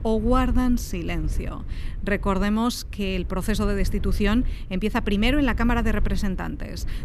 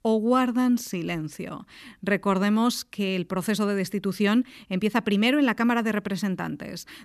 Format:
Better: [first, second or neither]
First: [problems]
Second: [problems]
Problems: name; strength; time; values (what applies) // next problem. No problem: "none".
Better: second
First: low rumble; faint; throughout; 20 dB below the speech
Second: none